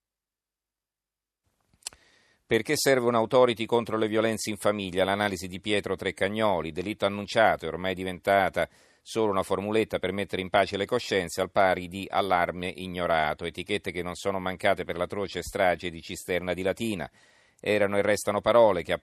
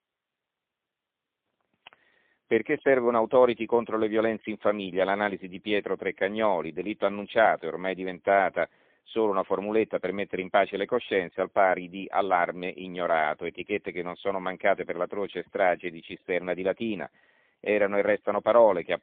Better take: first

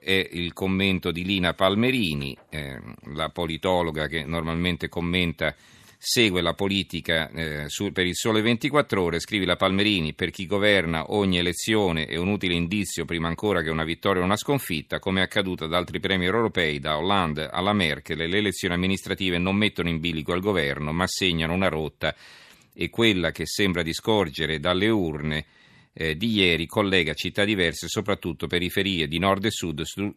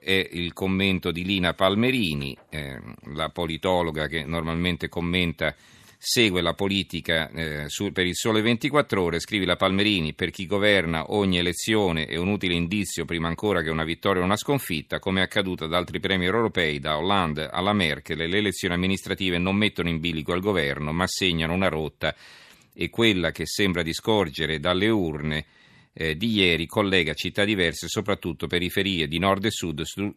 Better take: neither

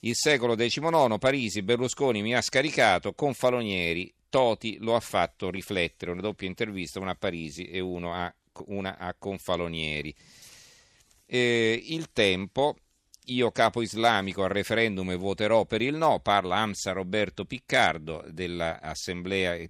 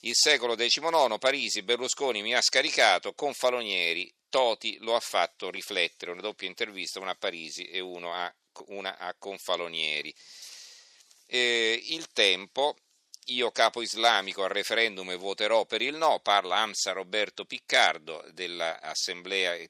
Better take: first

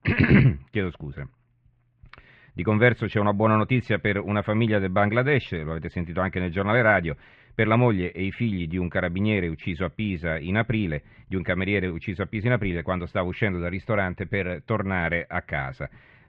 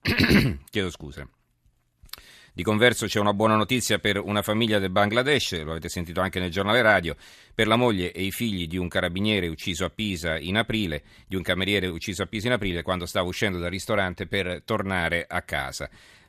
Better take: second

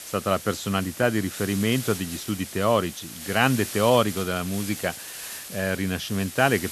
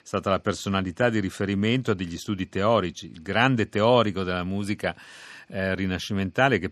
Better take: second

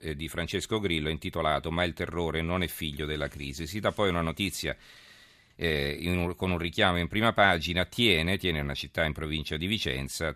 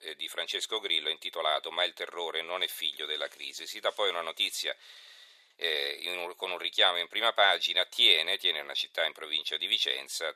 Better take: first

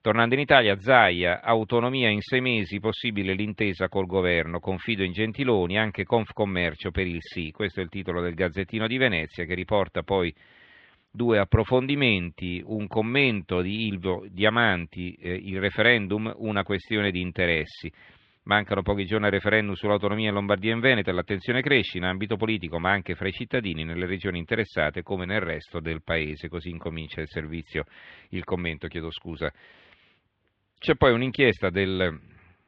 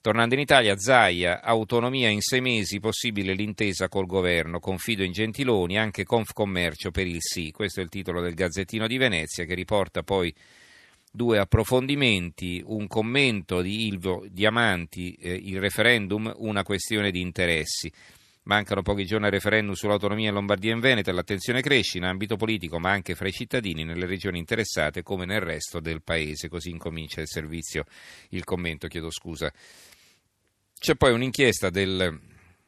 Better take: second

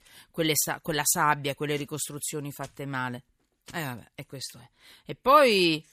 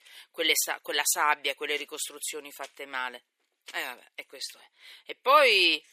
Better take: first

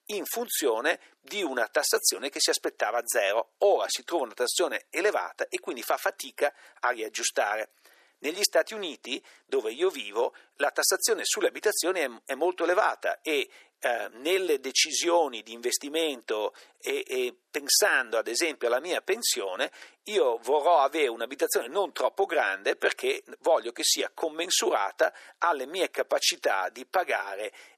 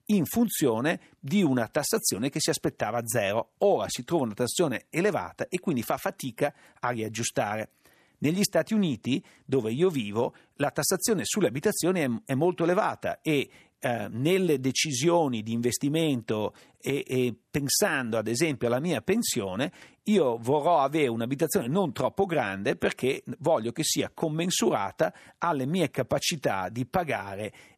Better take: second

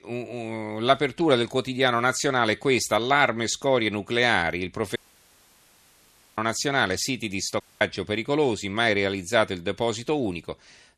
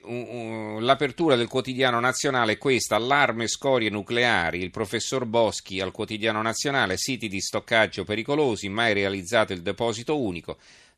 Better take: second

